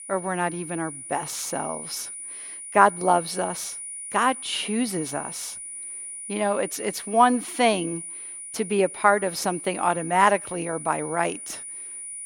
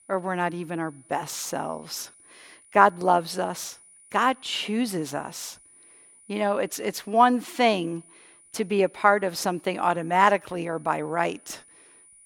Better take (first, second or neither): second